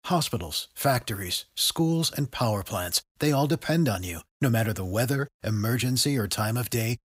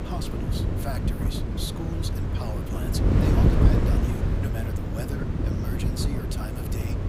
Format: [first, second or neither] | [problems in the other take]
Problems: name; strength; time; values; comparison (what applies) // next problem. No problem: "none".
first | wind noise on the microphone; heavy; 4 dB above the speech